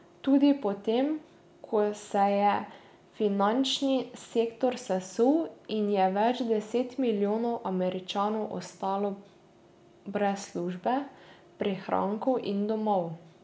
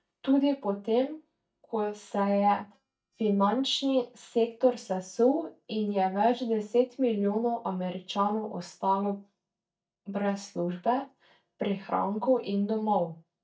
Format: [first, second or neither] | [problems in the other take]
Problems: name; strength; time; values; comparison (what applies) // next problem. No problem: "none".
first | noise reduction (neural mask model DeepFilterNet 3)